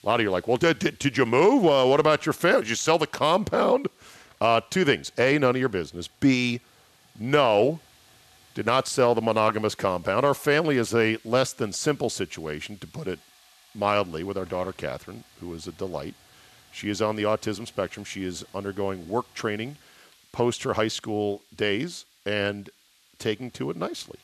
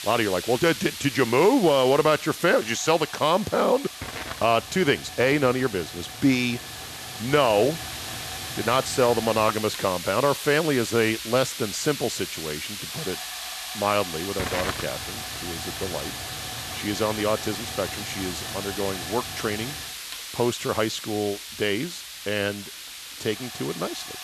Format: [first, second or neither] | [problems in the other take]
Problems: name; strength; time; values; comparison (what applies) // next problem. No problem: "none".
first | hiss; loud; throughout; 8 dB below the speech; faint in the first